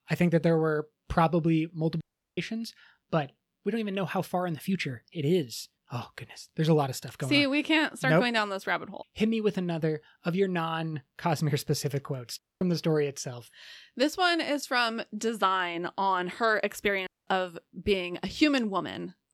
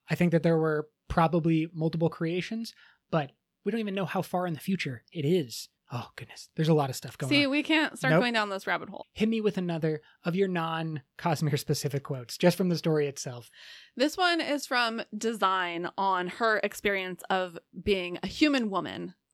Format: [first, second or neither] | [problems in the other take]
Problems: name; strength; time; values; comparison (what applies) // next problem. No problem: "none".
second | audio cutting out; at 2 s, at 12 s and at 17 s